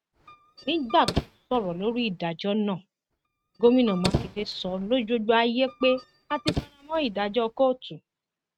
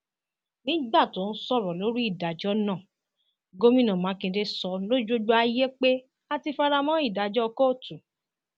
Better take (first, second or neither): second